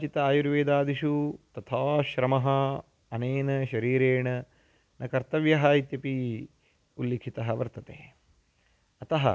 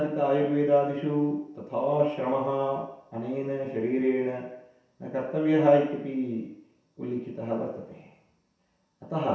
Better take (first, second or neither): first